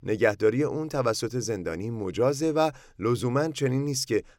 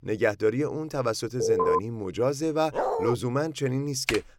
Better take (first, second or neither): first